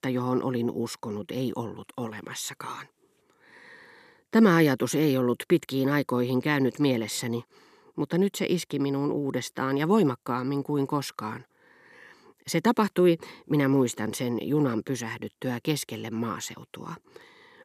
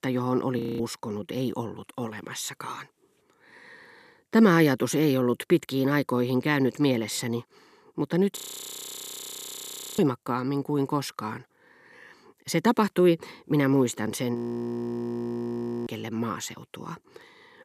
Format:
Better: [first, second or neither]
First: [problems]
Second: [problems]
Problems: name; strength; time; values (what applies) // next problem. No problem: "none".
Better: first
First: none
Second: audio freezing; at 0.5 s, at 8.5 s for 1.5 s and at 14 s for 1.5 s